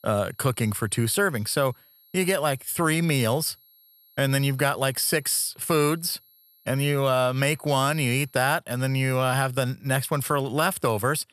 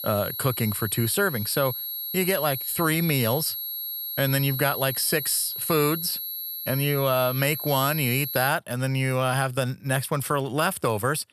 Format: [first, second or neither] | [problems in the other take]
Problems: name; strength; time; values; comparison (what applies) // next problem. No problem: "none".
first | high-pitched whine; loud; until 8.5 s; 11.5 kHz, 5 dB below the speech; faint in the first